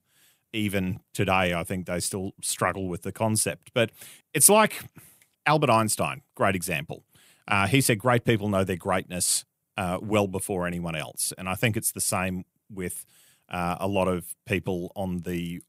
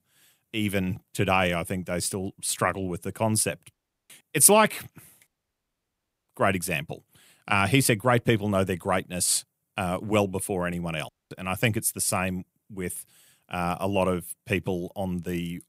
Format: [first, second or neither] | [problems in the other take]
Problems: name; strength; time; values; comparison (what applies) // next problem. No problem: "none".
first | audio cutting out; at 3.5 s, at 5.5 s for 1 s and at 11 s